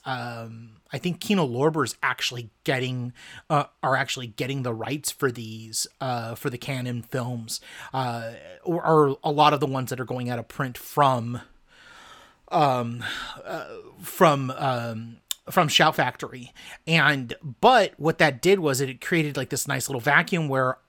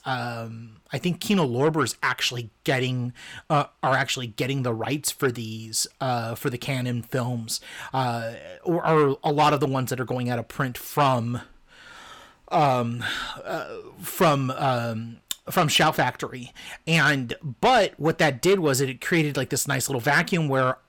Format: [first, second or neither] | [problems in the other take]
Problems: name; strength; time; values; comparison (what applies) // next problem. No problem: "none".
first | distortion; slight; 10 dB below the speech